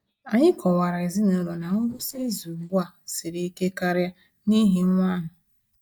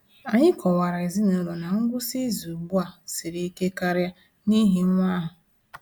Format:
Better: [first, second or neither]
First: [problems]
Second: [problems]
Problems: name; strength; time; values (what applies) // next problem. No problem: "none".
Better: second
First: noise reduction (neural mask model DeepFilterNet 3)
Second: none